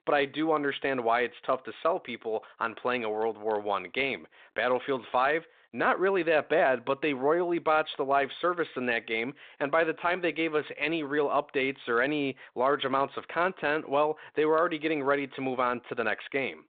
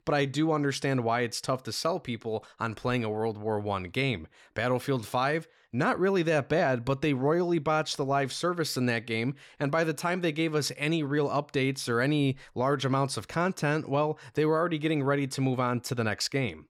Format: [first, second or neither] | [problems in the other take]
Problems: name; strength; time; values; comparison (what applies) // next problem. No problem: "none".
second | phone-call audio; nothing above 4 kHz